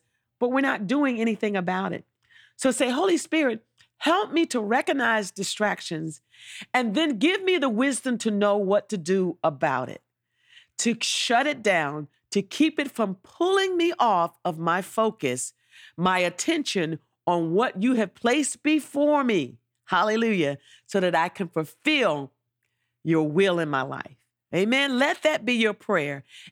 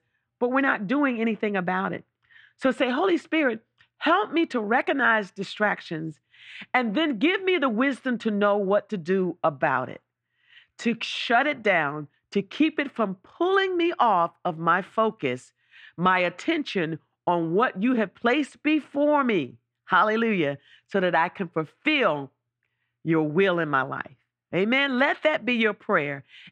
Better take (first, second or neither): first